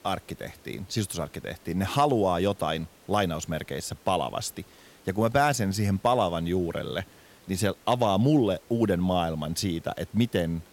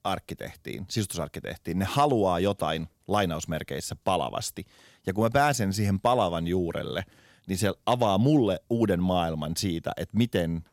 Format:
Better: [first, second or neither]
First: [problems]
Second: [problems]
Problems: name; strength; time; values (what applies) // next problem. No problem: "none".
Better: second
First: hiss; faint; throughout; 25 dB below the speech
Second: none